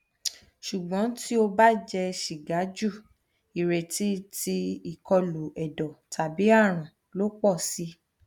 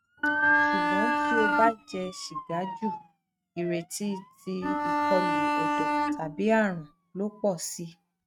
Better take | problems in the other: first | noise reduction (neural mask model RNNoise)

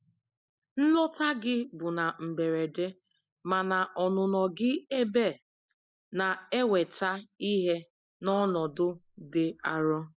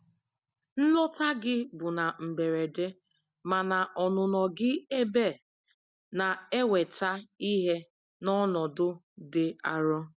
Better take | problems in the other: second | noise reduction (neural mask model Resemble Enhance denoiser)

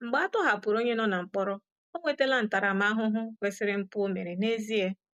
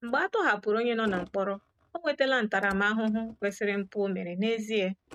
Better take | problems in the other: first | noise reduction (neural mask model RNNoise)

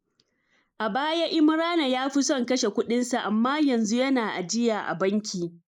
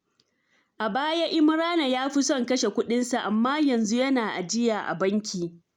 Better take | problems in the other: second | noise reduction (neural mask model Resemble Enhance denoiser)

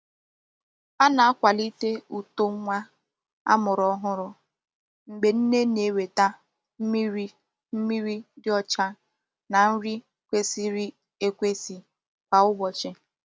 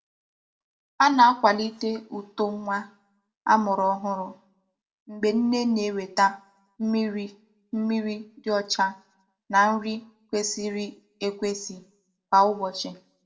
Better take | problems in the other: first | room echo; dies away in 0.3 s

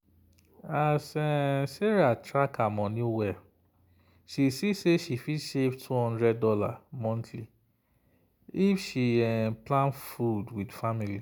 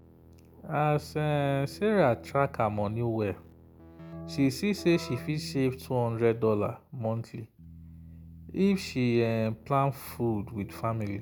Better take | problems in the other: first | background sound (Keyboard (musical)); 18 dB below the speech

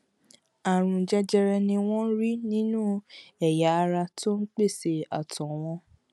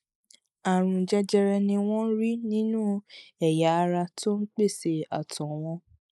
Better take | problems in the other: first | noise reduction (neural mask model Resemble Enhance denoiser)

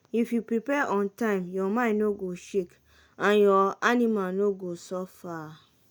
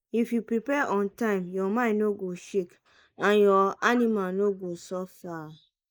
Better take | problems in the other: first | noise reduction (neural mask model Resemble Enhance denoiser)

